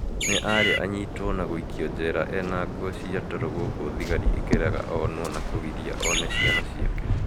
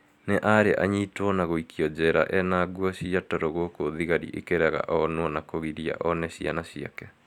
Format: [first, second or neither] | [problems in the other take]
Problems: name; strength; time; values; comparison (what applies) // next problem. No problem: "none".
second | background sound (Waves, surf + Bird); 3 dB above the speech